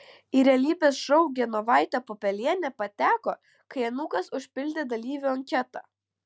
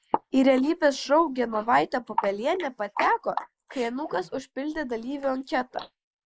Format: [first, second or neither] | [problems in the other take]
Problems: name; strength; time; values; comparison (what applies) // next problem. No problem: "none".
first | noise reduction (neural mask model Resemble Enhance denoiser)